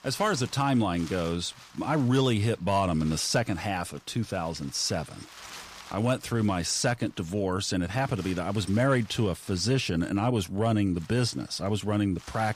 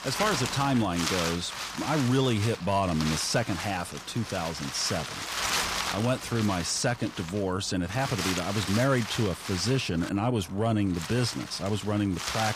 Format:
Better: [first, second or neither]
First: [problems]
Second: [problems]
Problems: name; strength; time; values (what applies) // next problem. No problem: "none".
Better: first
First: wind noise on the microphone; occasional gusts; 20 dB below the speech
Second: wind noise on the microphone; heavy; 3 dB below the speech